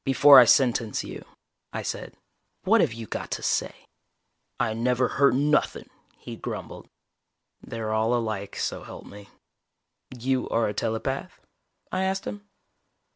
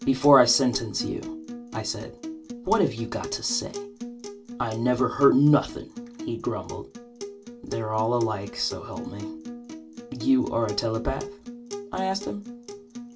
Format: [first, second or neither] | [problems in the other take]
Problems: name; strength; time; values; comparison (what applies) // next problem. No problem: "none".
first | background sound (Acoustic guitar); 12 dB below the speech // room echo; dies away in 0.2 s